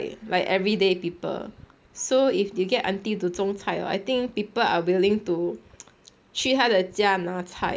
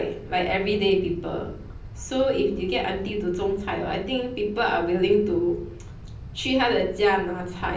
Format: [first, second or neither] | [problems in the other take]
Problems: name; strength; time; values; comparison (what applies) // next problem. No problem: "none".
first | background sound (Wind); 14 dB below the speech // room echo; dies away in 0.6 s